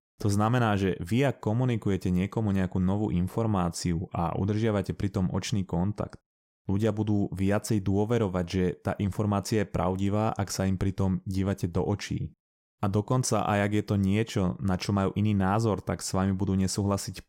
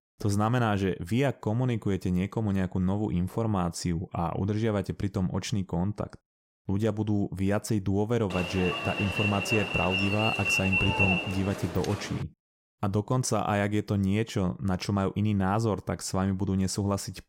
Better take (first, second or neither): first